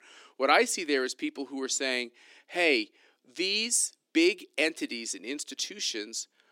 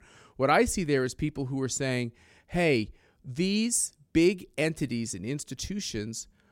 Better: second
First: thin; somewhat; fading below 300 Hz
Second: none

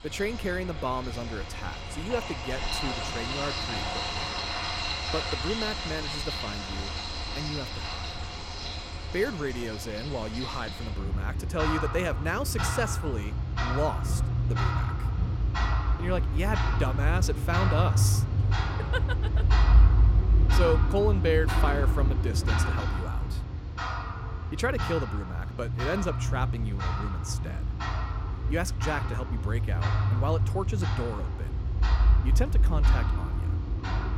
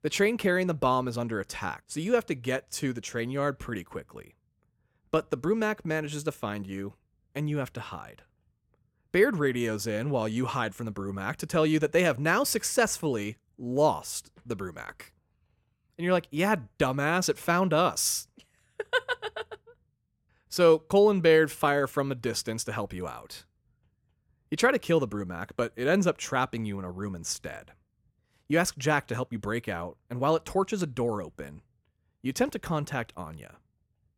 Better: second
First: household noises; very loud; throughout; 5 dB above the speech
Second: none

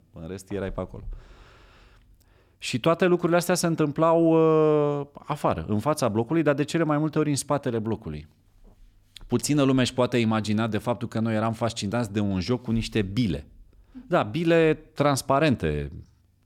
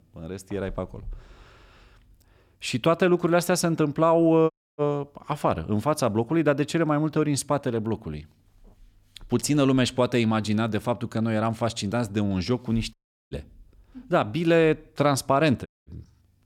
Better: first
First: none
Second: audio cutting out; at 4.5 s, at 13 s and at 16 s

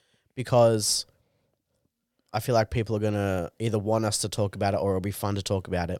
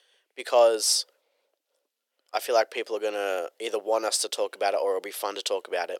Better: first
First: none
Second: thin; very; fading below 400 Hz

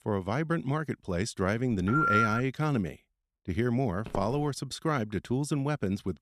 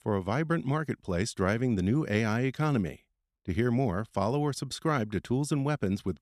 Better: second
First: phone ringing; loud; at 1.5 s; peak 5 dB above the speech // footsteps; noticeable; at 4 s; peak 10 dB below the speech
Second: none

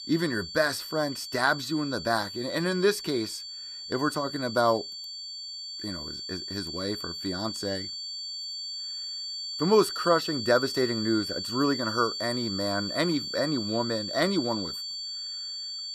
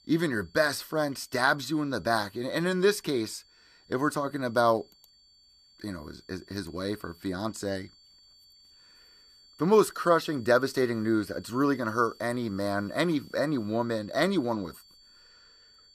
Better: second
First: high-pitched whine; loud; throughout; 4.5 kHz, 6 dB below the speech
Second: high-pitched whine; faint; throughout; 4.5 kHz, 25 dB below the speech

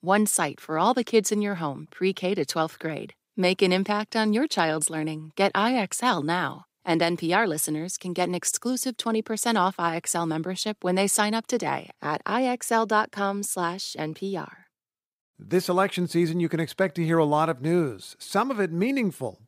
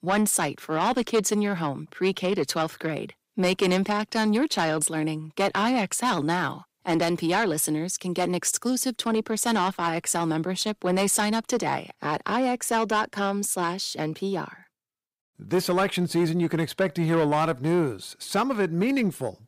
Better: first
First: none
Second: distortion; slight; 10 dB below the speech

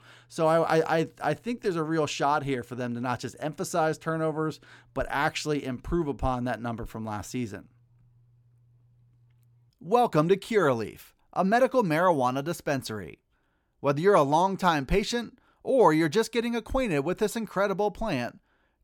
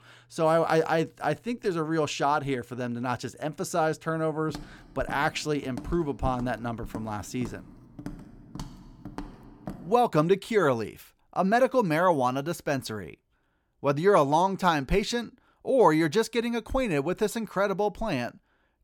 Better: first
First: none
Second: footsteps; faint; from 4.5 to 10 s; peak 15 dB below the speech

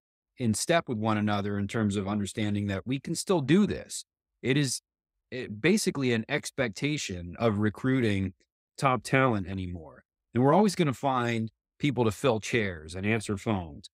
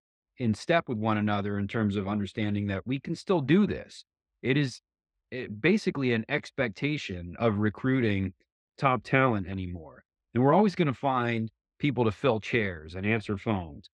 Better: first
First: none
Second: muffled; slightly; fading above 3 kHz

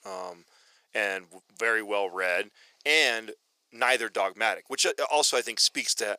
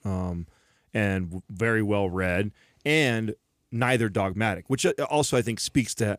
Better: second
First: thin; very; fading below 550 Hz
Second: none

